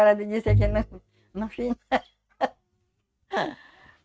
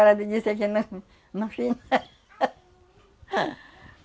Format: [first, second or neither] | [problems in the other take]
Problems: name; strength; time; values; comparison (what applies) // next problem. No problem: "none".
second | noise reduction (neural mask model RNNoise)